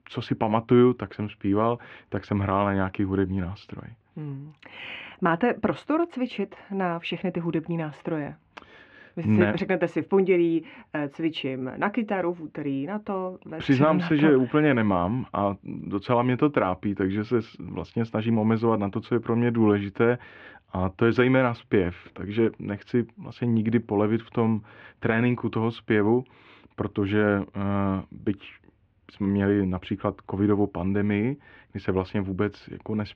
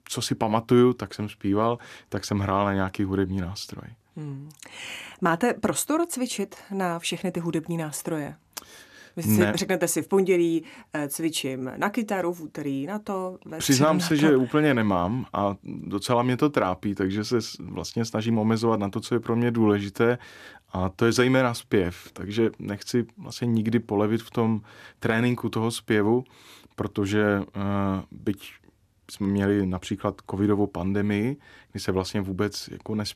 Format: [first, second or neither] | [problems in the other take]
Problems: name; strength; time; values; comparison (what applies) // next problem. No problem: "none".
second | muffled; very; fading above 2.5 kHz